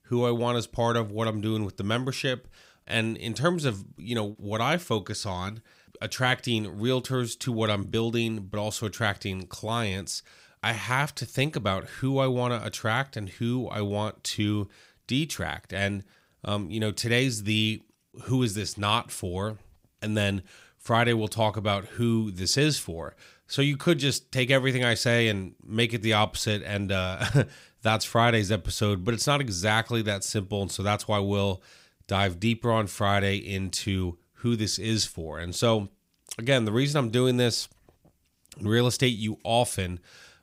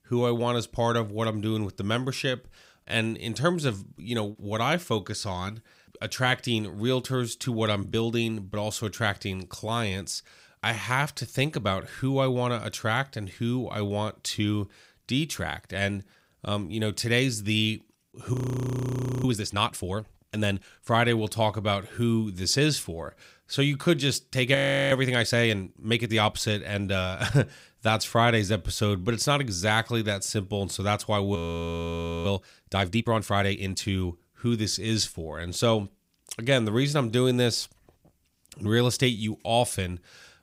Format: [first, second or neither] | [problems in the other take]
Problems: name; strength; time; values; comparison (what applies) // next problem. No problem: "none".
first | audio freezing; at 18 s for 1 s, at 25 s and at 31 s for 1 s